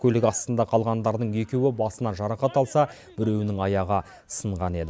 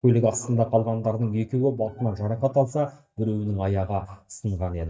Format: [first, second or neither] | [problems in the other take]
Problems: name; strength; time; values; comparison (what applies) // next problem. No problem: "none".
first | noise reduction (neural mask model DeepFilterNet 3)